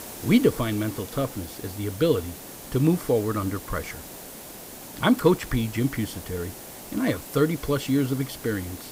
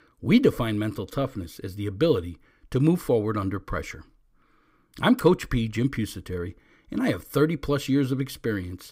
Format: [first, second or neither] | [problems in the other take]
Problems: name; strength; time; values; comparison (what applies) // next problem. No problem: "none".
second | hiss; noticeable; throughout; 15 dB below the speech